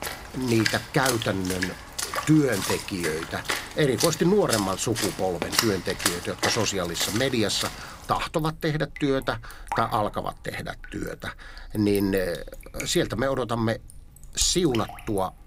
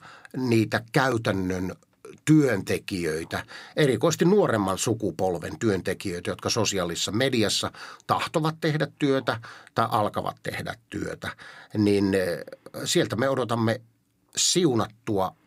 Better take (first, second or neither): second